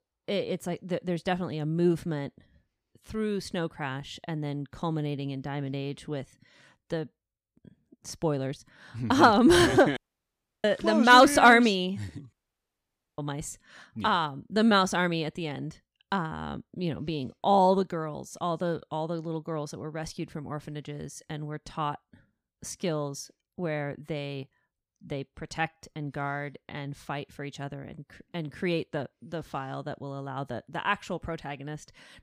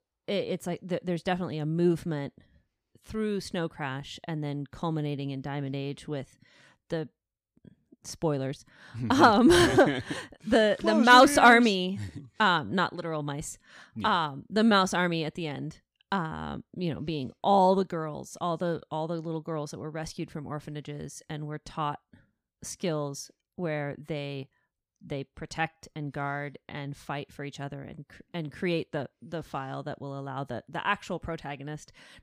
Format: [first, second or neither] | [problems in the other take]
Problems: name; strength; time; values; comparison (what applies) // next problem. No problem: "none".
second | audio cutting out; at 10 s for 0.5 s and at 12 s for 1 s